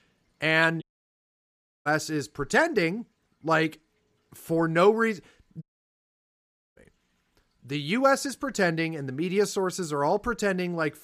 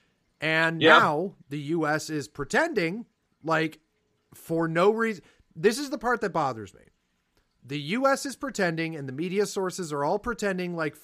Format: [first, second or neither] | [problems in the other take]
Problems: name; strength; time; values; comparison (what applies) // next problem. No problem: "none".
second | audio cutting out; at 1 s for 1 s and at 5.5 s for 1 s